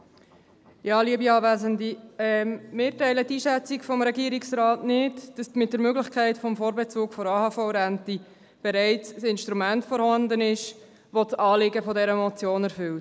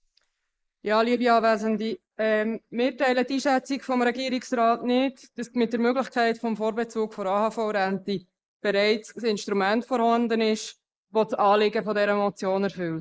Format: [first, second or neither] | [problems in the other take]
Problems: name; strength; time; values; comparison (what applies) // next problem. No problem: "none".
first | noise reduction (neural mask model Resemble Enhance denoiser)